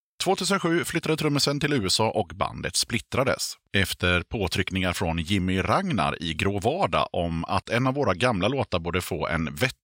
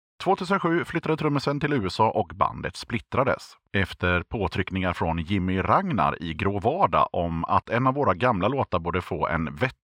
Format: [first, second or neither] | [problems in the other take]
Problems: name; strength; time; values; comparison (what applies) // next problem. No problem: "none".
first | muffled; very; fading above 4 kHz